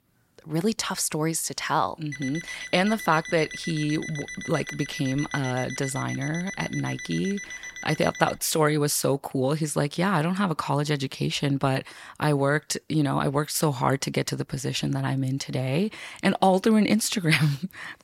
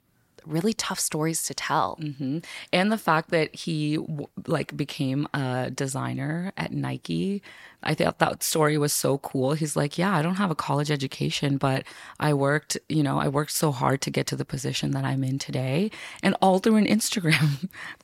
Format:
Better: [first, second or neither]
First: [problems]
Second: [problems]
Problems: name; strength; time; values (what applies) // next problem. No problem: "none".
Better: second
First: alarm; noticeable; from 2 to 8.5 s; peak 10 dB below the speech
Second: none